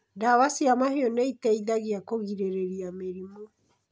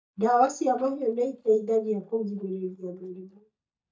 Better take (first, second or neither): first